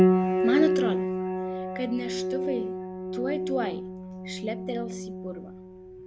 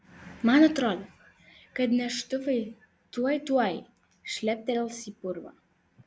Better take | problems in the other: second | background sound (Piano); 5 dB above the speech

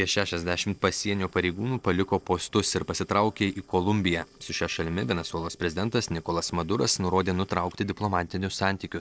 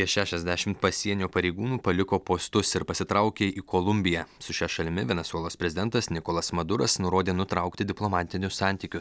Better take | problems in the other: second | noise reduction (neural separator model SepFormer DNS4)

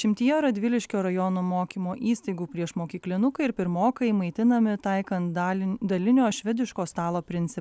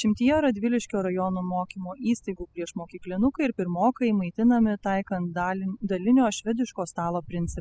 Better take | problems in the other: first | noise reduction (classical method spectral subtraction)

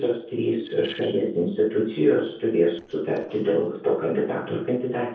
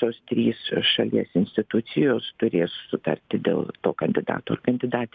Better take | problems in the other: second | noise reduction (neural separator model SepFormer DNS4)

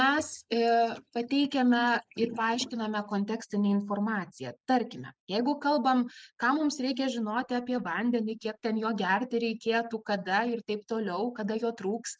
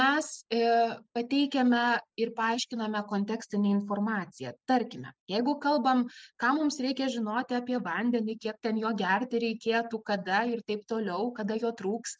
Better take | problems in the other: second | noise reduction (neural mask model Resemble Enhance denoiser)

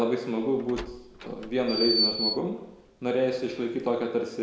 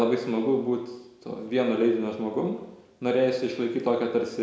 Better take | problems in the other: second | background sound (Door); 5 dB below the speech

